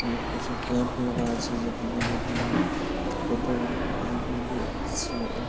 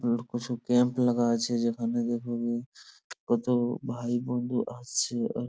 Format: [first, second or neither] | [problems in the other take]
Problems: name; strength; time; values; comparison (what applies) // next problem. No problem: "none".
second | background sound (Alarm); 2 dB above the speech